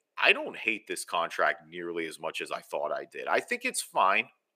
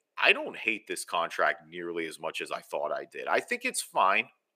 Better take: neither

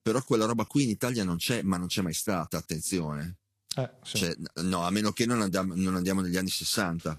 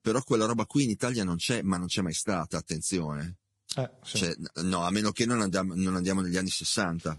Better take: first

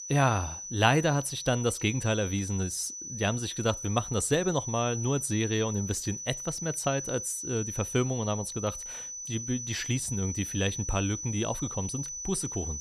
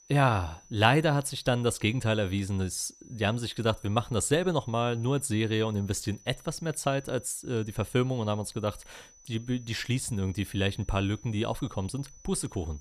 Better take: second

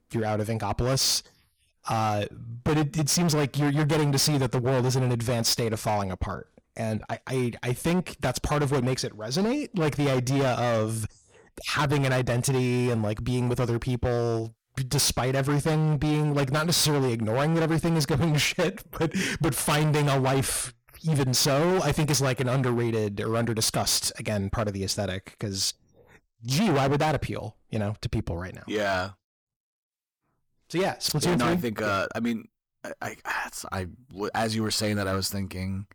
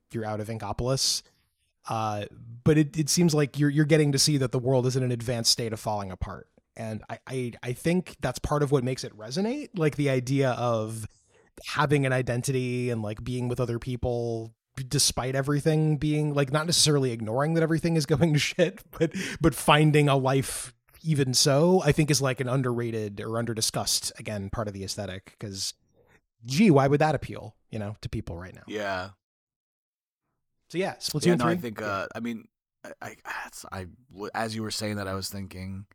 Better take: second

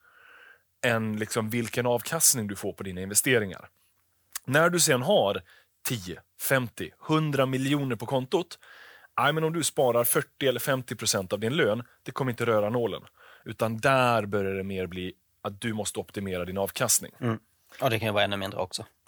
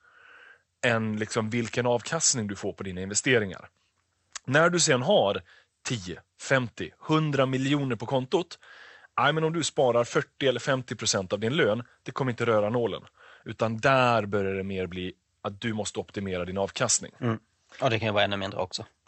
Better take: first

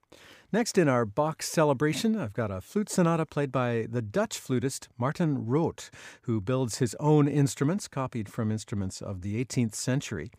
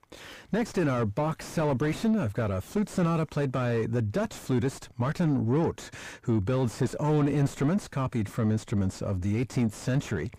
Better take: first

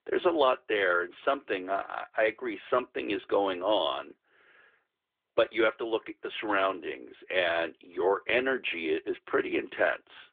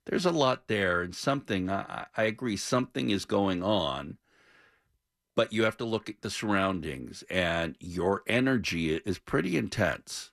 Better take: second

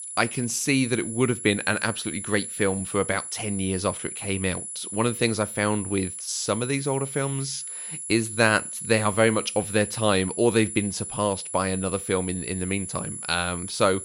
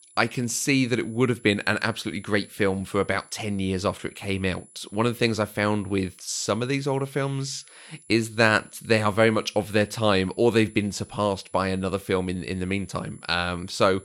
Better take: second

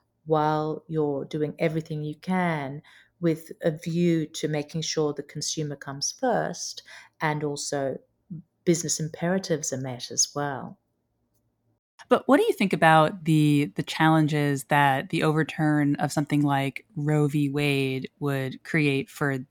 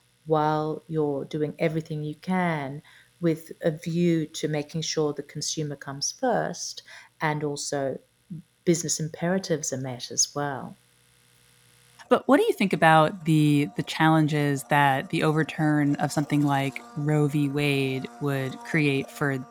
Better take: first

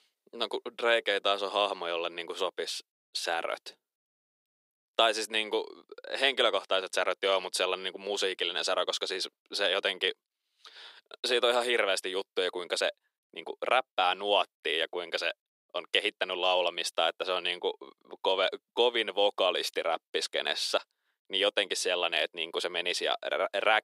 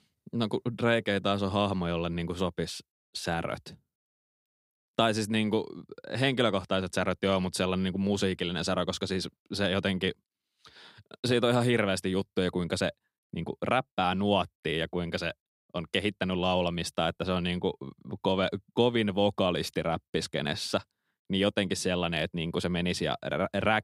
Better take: second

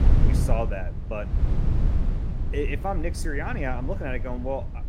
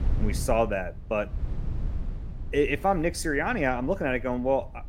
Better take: second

